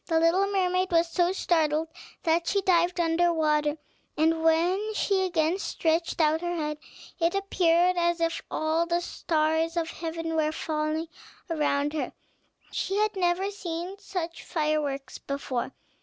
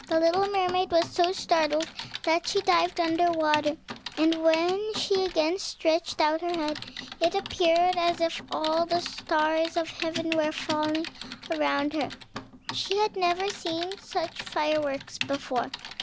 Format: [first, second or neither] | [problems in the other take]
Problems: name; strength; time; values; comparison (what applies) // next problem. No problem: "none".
first | background sound (Typing); 12 dB below the speech